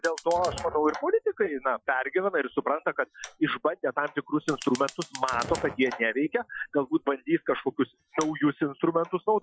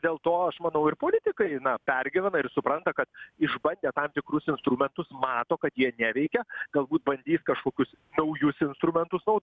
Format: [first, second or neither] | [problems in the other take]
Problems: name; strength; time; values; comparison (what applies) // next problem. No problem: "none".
second | noise reduction (classical method Wiener filter)